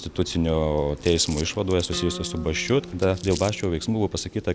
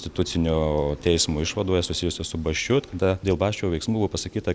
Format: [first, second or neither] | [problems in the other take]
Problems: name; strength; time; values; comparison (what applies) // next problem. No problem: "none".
second | background sound (Acoustic guitar + Crumpling, crinkling); 14 dB below the speech